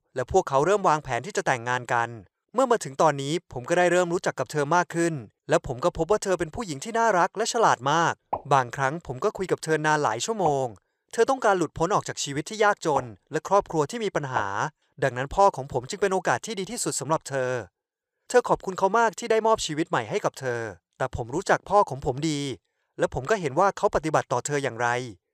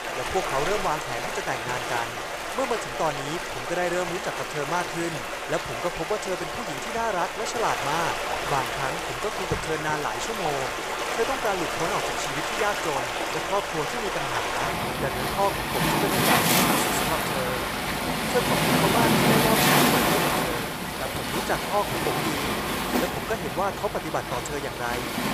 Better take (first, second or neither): first